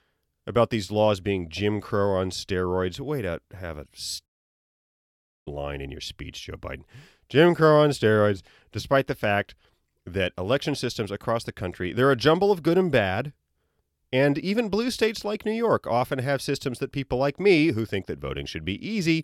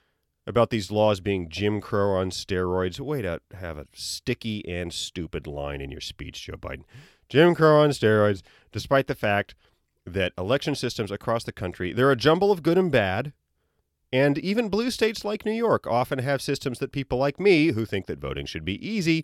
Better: second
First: audio cutting out; at 4.5 s for 1 s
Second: none

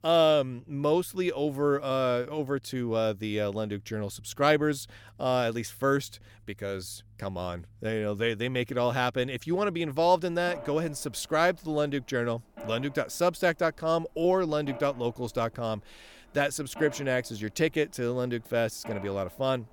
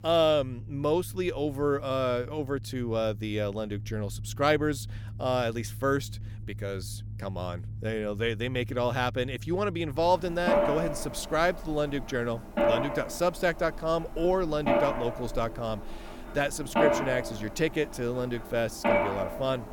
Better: first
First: machinery noise; faint; throughout; 25 dB below the speech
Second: machinery noise; loud; throughout; 5 dB below the speech

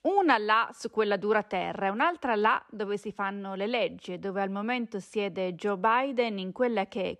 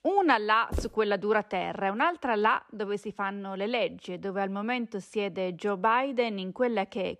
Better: first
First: none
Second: footsteps; noticeable; at 0.5 s; peak 8 dB below the speech

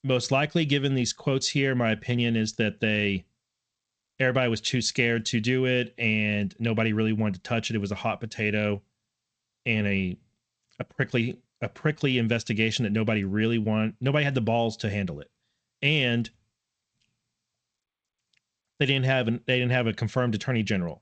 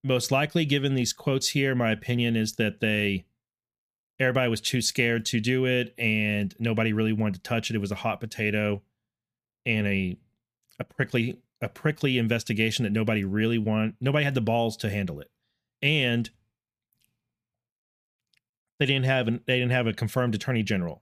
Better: second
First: garbled, watery; slightly; nothing above 8 kHz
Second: none

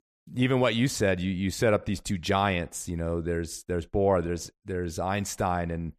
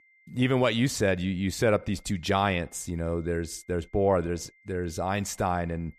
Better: first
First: none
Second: high-pitched whine; faint; throughout; 2 kHz, 30 dB below the speech

